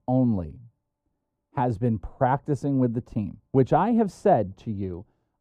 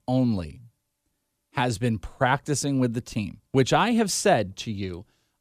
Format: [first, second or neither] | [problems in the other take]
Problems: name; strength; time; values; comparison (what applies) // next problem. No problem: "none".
second | muffled; very; fading above 1.5 kHz